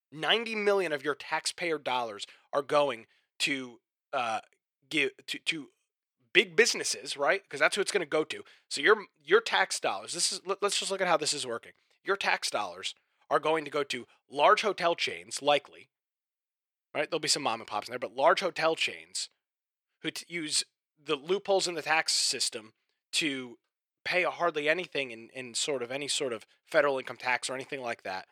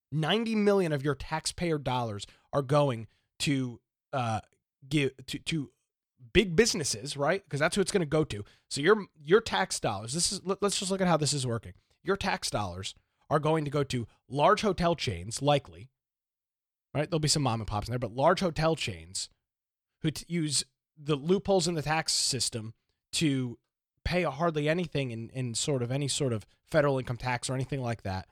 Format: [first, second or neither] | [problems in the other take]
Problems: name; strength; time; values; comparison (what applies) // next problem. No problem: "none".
second | thin; somewhat; fading below 450 Hz